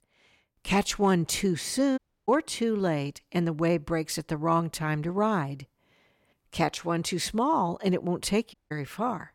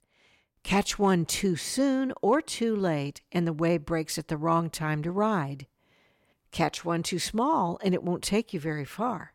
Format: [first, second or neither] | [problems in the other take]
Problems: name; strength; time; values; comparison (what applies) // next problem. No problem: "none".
second | audio cutting out; at 2 s and at 8.5 s